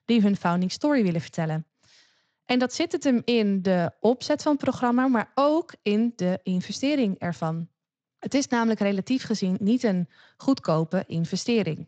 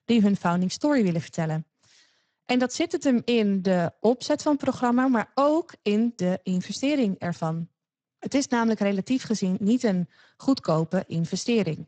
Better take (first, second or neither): first